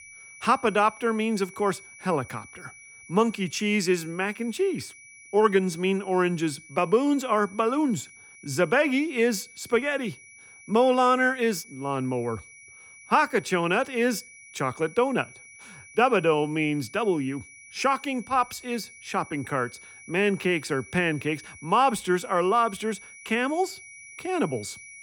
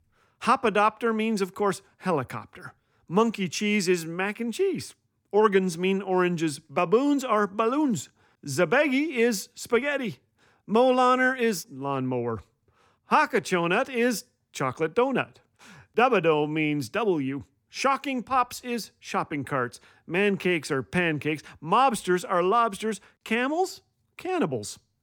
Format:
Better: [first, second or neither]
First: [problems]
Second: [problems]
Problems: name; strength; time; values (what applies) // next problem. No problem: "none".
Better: second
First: high-pitched whine; faint; throughout; 2.5 kHz, 20 dB below the speech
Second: none